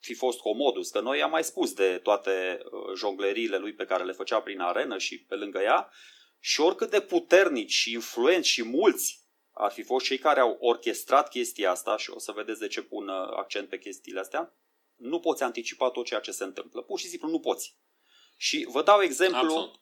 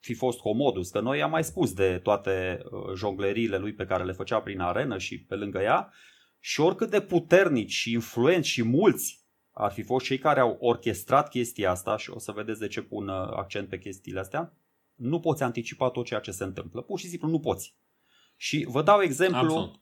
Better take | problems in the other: second | thin; somewhat; fading below 300 Hz

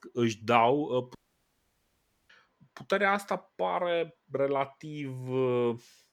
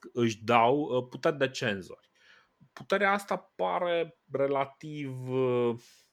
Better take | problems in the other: second | audio cutting out; at 1 s for 1 s

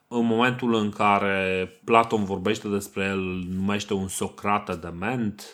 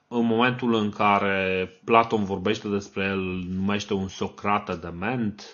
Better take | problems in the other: first | garbled, watery; slightly; nothing above 6.5 kHz

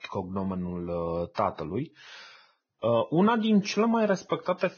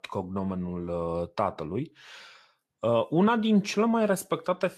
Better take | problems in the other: second | garbled, watery; badly; nothing above 6.5 kHz; slightly in the second

